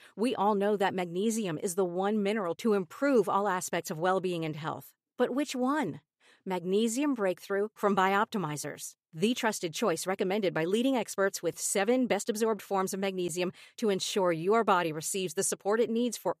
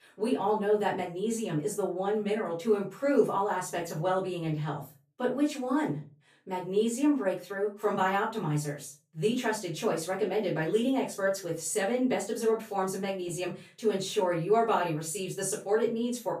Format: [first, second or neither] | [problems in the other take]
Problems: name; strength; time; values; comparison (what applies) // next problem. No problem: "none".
first | off-mic speech; far // room echo; slight; dies away in 0.3 s